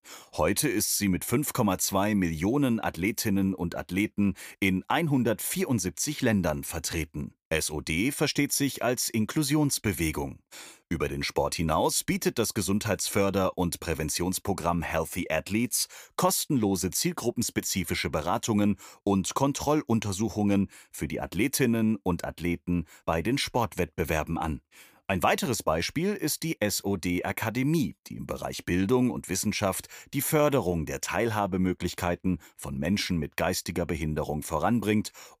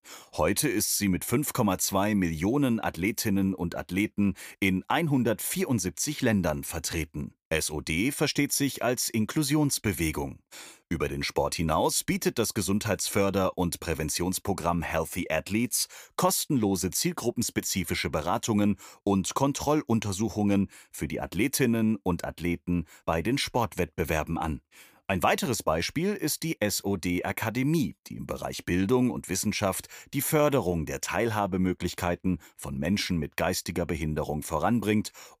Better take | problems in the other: neither | none

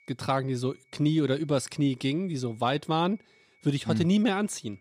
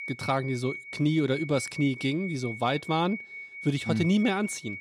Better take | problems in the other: first | high-pitched whine; loud; throughout; 2 kHz, 10 dB below the speech; faint in the first

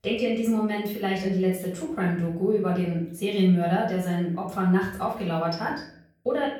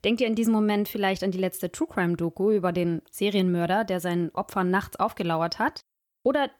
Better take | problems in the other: second | off-mic speech; far // room echo; noticeable; dies away in 0.6 s

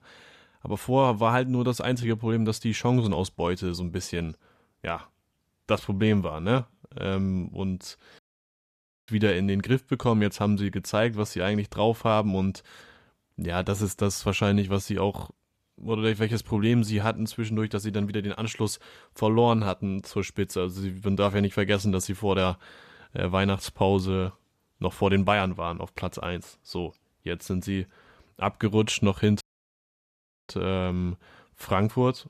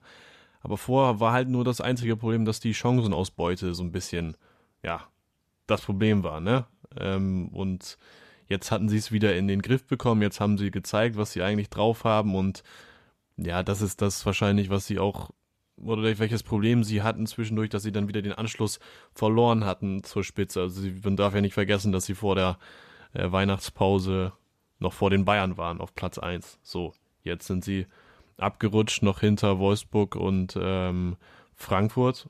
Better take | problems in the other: second | audio cutting out; at 8 s for 1 s and at 29 s for 1 s

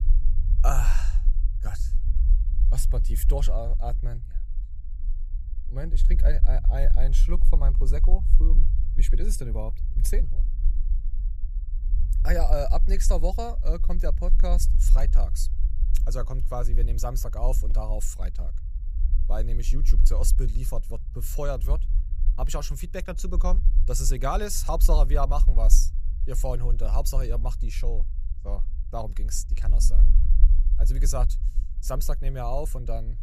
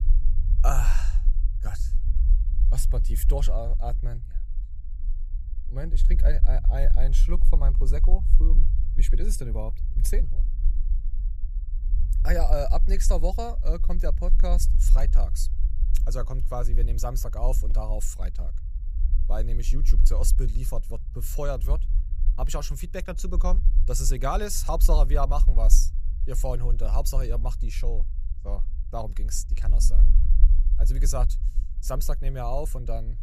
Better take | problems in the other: neither | low rumble; noticeable; throughout; 15 dB below the speech; the same in both

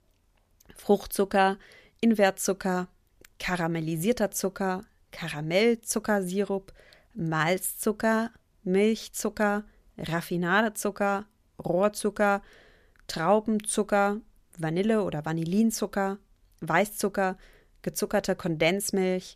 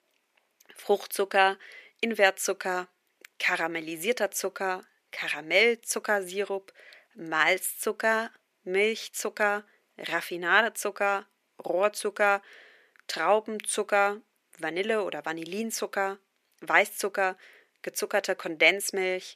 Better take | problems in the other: first | thin; somewhat; fading below 350 Hz

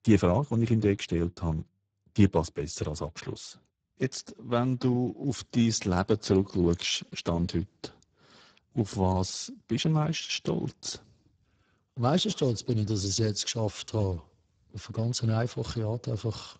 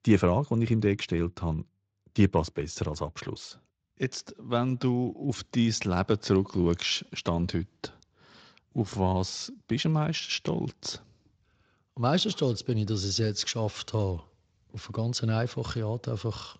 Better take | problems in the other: second | garbled, watery; badly; nothing above 7.5 kHz; slightly in the second

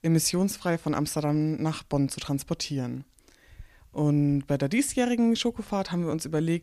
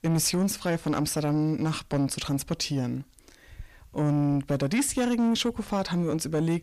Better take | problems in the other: first | distortion; slight; 10 dB below the speech

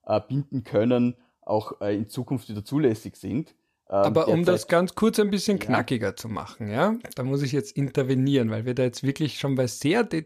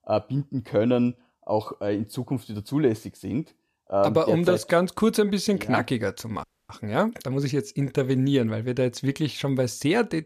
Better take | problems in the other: first | audio freezing; at 6.5 s

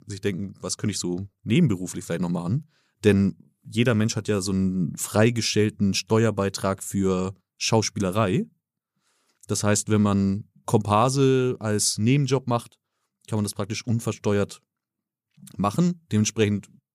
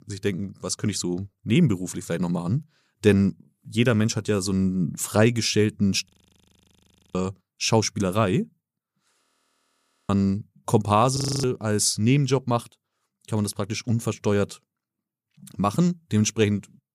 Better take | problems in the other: first | audio freezing; at 6 s for 1 s, at 9 s for 1 s and at 11 s

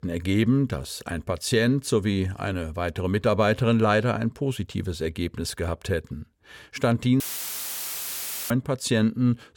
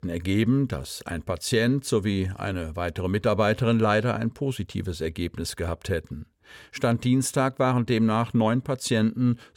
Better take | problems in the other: second | audio cutting out; filled with static; at 7 s for 1.5 s

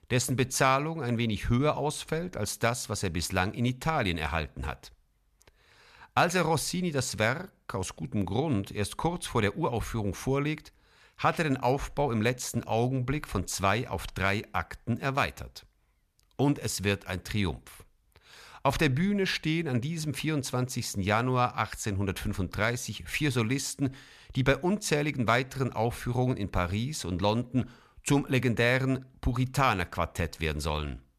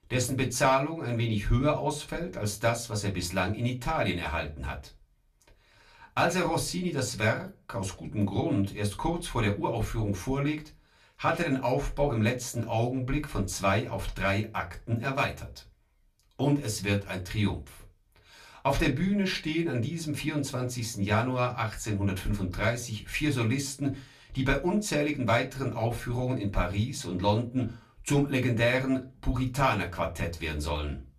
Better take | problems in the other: first | off-mic speech; far // room echo; very slight; dies away in 0.2 s

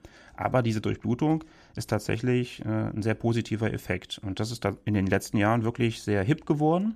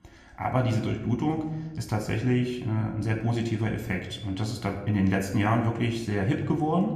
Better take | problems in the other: first | room echo; slight; dies away in 0.8 s

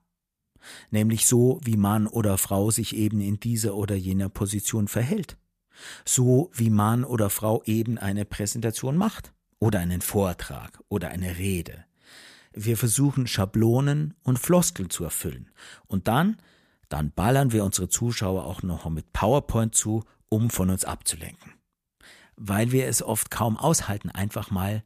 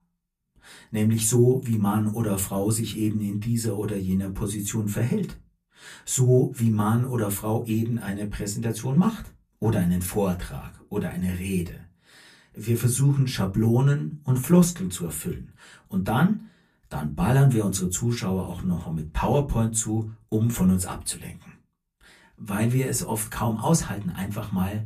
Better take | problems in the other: first | off-mic speech; far // room echo; very slight; dies away in 0.2 s

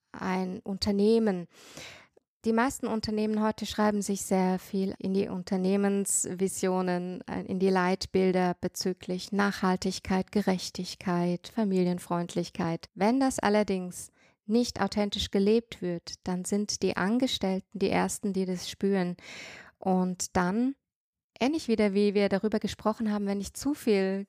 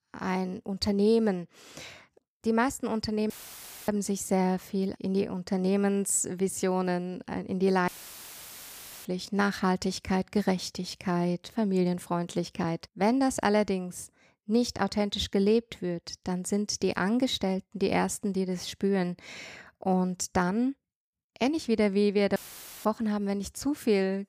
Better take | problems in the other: first | audio cutting out; filled with static; at 3.5 s for 0.5 s, at 8 s for 1 s and at 22 s

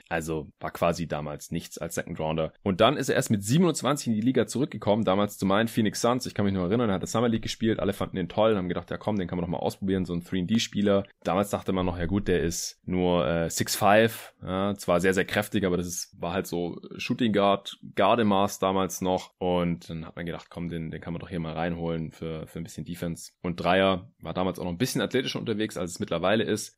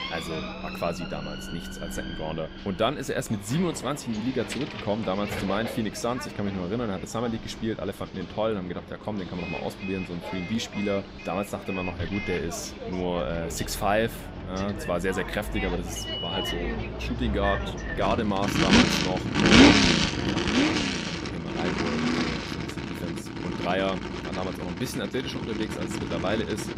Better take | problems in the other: first | traffic noise; very loud; throughout; 3 dB above the speech

